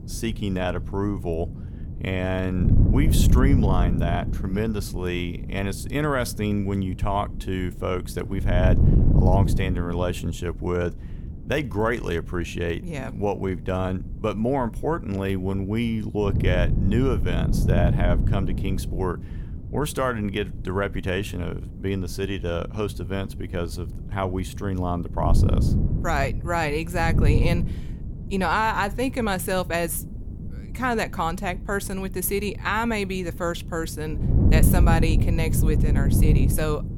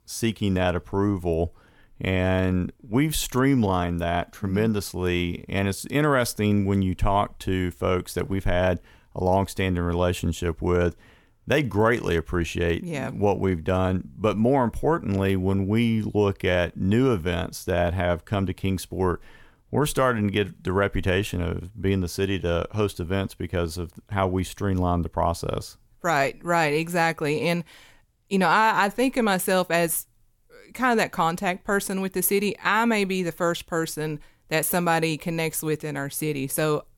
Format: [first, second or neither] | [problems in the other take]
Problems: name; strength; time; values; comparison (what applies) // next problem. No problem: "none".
second | wind noise on the microphone; heavy; 9 dB below the speech